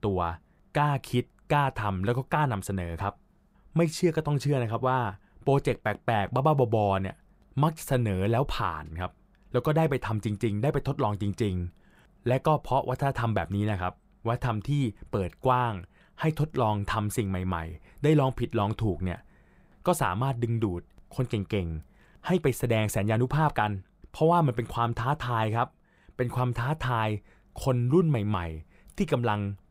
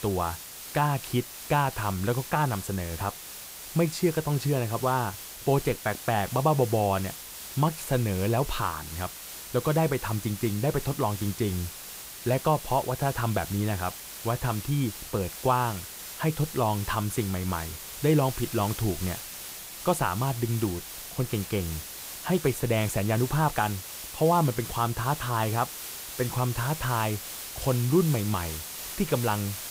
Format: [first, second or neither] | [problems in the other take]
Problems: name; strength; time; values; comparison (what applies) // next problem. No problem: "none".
first | hiss; loud; throughout; 9 dB below the speech